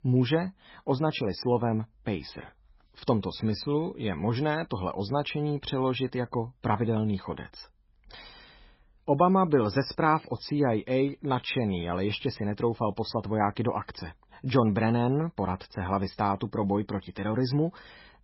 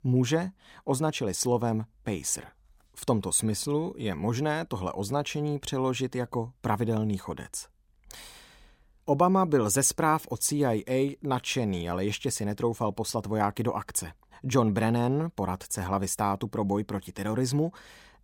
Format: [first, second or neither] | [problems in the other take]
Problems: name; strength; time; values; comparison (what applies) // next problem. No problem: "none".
second | garbled, watery; badly; nothing above 5.5 kHz